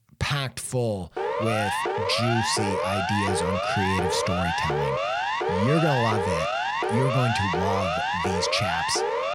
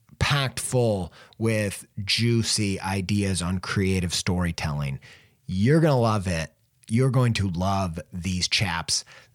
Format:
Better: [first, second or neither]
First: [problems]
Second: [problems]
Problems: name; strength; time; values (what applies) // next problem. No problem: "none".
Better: second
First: siren; loud; from 1 s on; peak 2 dB above the speech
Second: none